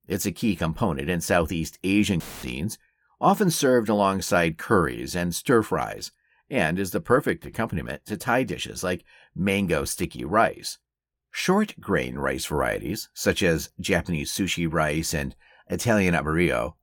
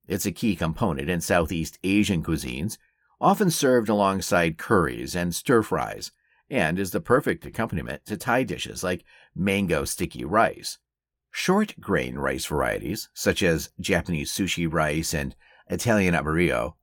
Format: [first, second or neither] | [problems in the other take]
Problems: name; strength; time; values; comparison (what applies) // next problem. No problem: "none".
second | audio cutting out; filled with static; at 2 s